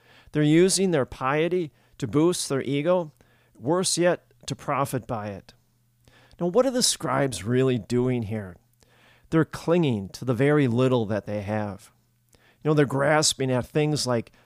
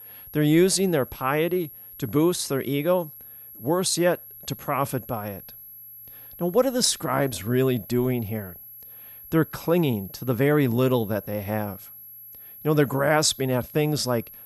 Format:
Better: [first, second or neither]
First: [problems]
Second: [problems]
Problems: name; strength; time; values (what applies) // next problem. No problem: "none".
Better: first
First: none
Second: high-pitched whine; noticeable; throughout; 11.5 kHz, 15 dB below the speech